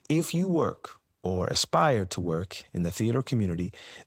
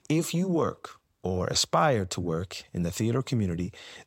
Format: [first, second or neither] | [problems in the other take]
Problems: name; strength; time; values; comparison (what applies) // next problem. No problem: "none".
second | garbled, watery; slightly; nothing above 16 kHz